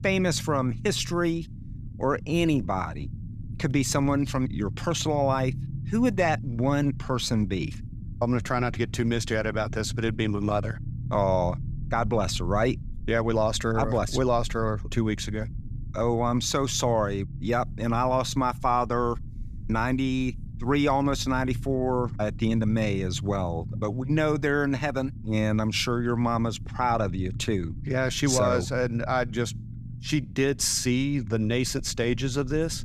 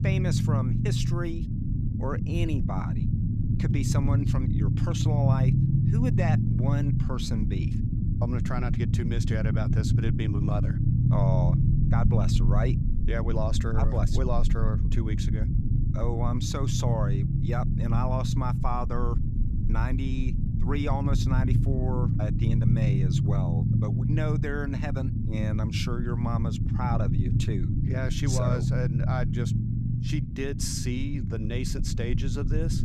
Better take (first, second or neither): first